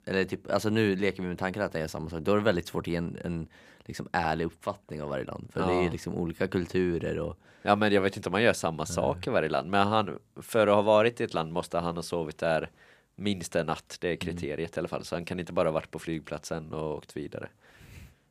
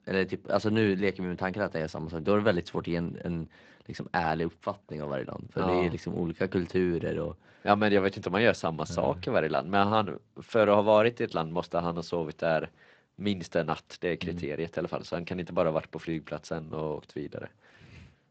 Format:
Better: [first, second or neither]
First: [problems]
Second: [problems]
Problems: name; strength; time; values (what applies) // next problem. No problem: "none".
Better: first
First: none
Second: garbled, watery; slightly; nothing above 8 kHz